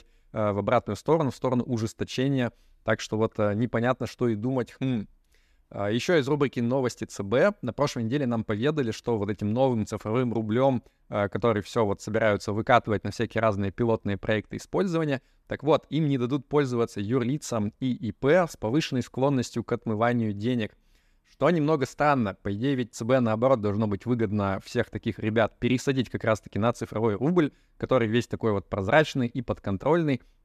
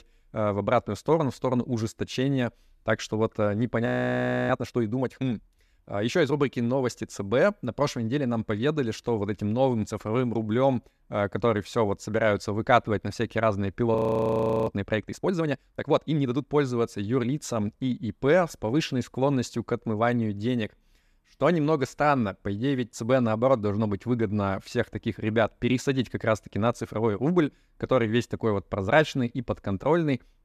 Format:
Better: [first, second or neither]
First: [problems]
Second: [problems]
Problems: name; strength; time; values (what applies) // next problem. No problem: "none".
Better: first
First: none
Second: audio freezing; at 4 s for 0.5 s and at 14 s for 0.5 s